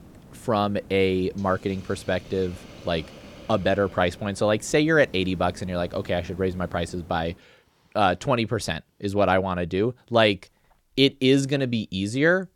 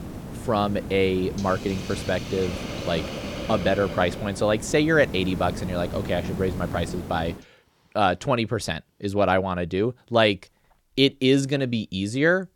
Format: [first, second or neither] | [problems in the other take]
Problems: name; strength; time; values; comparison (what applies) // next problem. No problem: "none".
first | hiss; loud; until 7.5 s; 9 dB below the speech; faint in the first